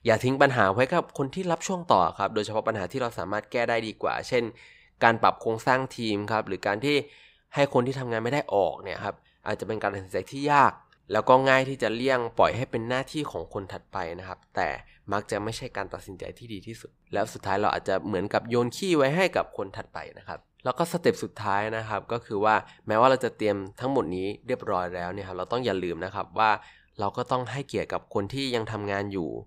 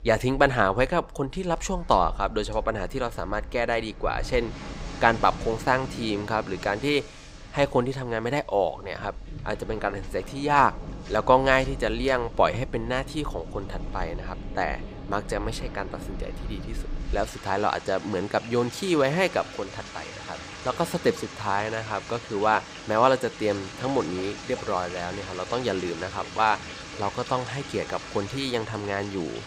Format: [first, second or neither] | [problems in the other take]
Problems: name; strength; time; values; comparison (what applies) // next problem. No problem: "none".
first | rain or running water; noticeable; throughout; 10 dB below the speech